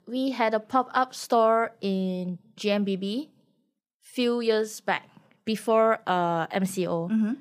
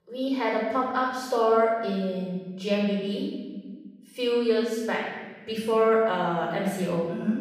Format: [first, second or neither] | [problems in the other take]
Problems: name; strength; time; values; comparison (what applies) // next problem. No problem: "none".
first | room echo; noticeable; dies away in 1.4 s // off-mic speech; far